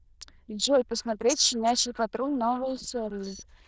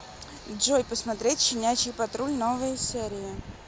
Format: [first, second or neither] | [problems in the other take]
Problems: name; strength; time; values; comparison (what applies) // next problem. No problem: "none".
second | noise reduction (neural diffusion model UNIVERSE++)